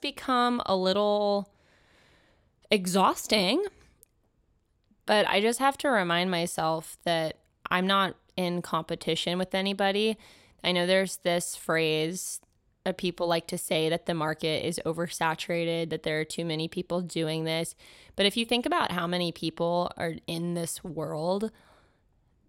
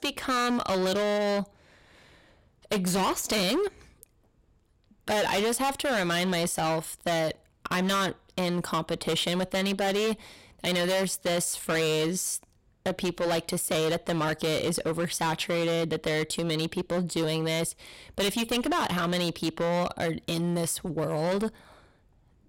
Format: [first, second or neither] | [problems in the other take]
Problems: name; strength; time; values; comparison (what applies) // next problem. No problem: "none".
first | distortion; heavy; 20% of the sound clipped